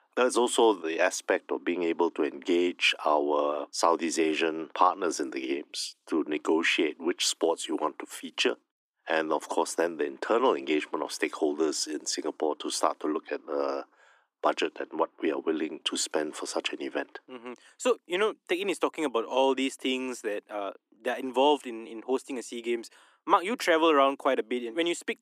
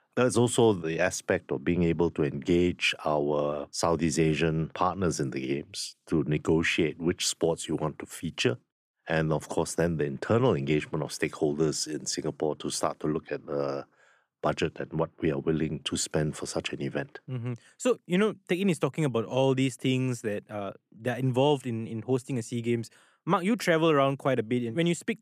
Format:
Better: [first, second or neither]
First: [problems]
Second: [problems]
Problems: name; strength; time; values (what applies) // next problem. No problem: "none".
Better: second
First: thin; somewhat; fading below 300 Hz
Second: none